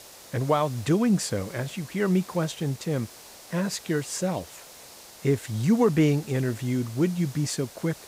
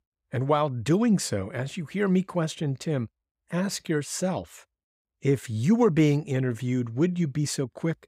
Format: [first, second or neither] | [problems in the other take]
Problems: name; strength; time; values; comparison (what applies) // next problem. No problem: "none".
second | hiss; noticeable; throughout; 20 dB below the speech